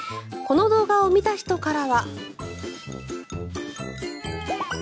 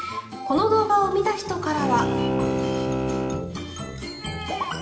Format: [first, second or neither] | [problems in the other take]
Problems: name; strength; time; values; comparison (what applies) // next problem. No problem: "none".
first | background sound (Bowed string instrument); 2 dB below the speech // room echo; dies away in 2.1 s